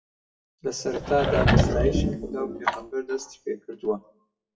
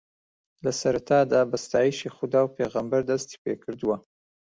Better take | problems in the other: second | noise reduction (classical method WPE with log-MMSE)

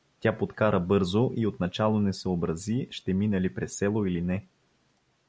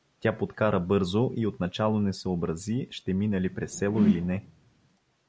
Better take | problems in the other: first | background sound (Whoosh, swoosh, swish); 2 dB below the speech

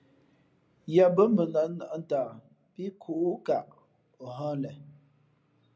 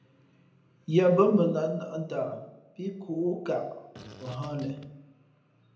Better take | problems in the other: first | background sound (Fart); 18 dB below the speech // room echo; dies away in 0.8 s

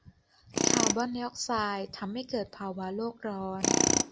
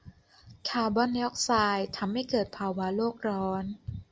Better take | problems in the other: second | background sound (Tools); 2 dB above the speech

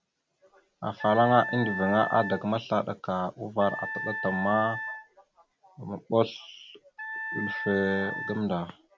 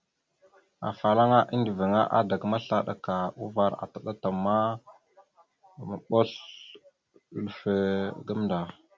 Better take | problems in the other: second | background sound (Wind instrument, woodwind instrument); 8 dB below the speech

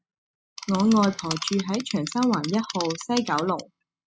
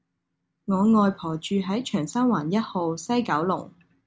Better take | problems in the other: second | noise reduction (classical method spectral subtraction)

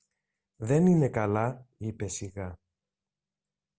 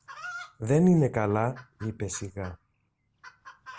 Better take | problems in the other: first | background sound (Chicken, rooster); 19 dB below the speech

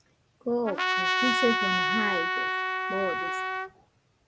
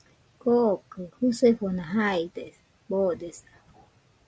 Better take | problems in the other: second | background sound (Trumpet); 5 dB above the speech

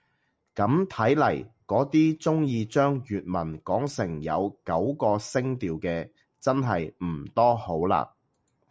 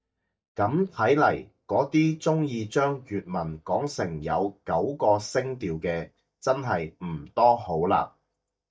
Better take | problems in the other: first | noise reduction (neural mask model DeepFilterNet 3)

